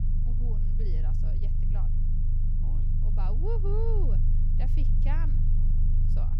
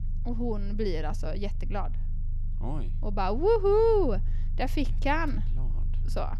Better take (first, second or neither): second